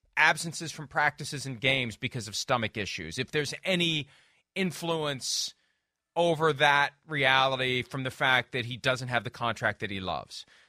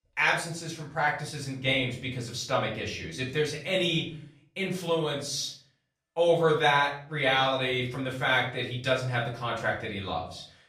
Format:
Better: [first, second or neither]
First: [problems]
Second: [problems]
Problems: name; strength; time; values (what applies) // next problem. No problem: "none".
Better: first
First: none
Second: off-mic speech; far // room echo; slight; dies away in 0.5 s